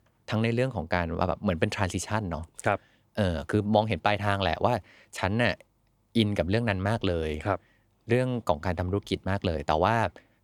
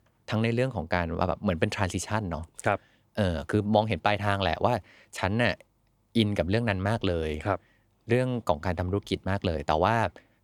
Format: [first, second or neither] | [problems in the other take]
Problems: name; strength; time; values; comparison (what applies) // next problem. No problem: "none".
neither | none